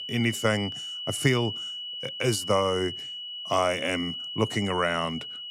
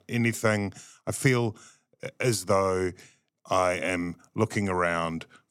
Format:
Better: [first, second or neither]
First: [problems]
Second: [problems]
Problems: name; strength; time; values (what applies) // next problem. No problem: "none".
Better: second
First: high-pitched whine; loud; throughout; 3 kHz, 6 dB below the speech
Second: none